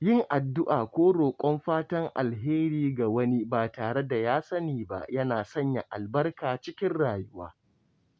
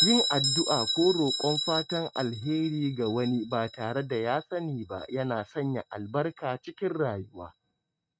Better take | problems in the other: first | noise reduction (neural mask model RNNoise)

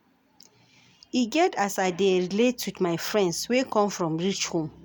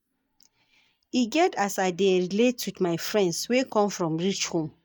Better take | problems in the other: first | noise reduction (neural mask model DeepFilterNet 3)

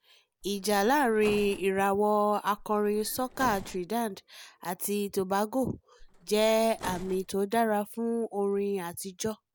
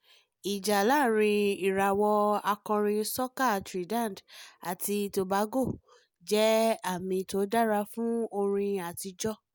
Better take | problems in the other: second | background sound (Bus); 16 dB below the speech

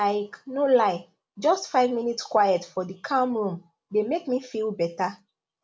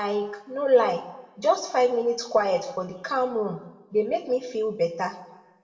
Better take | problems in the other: first | room echo; dies away in 0.8 s

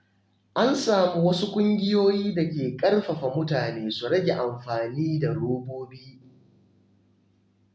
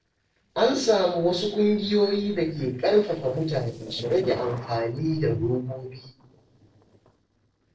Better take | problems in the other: first | noise reduction (neural separator model SepFormer DNS4)

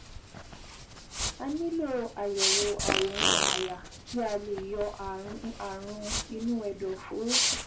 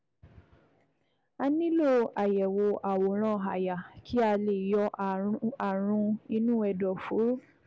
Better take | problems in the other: second | background sound (Fart); 2 dB above the speech // room echo; dies away in 0.3 s

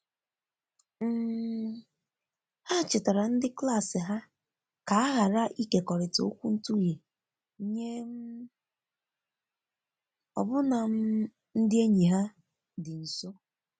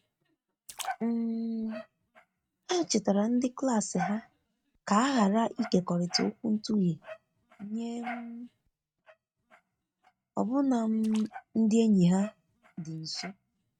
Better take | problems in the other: first | noise reduction (neural mask model RNNoise)

